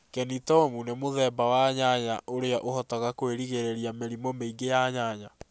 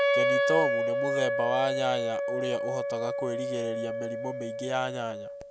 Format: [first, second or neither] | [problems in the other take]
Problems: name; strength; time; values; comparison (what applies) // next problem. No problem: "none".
first | background sound (Wind instrument, woodwind instrument); 3 dB above the speech